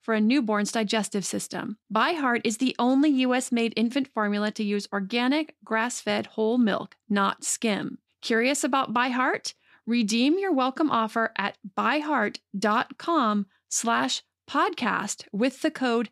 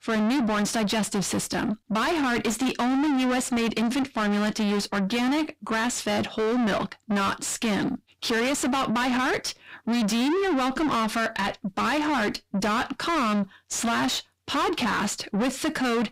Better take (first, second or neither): first